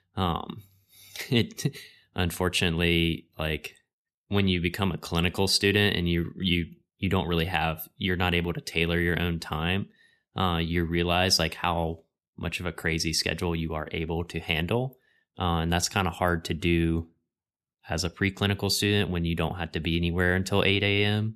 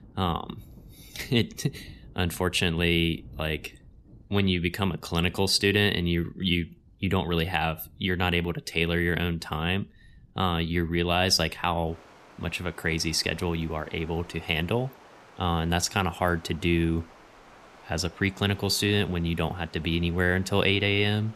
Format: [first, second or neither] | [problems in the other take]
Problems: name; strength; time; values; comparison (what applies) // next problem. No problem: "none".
first | rain or running water; faint; throughout; 25 dB below the speech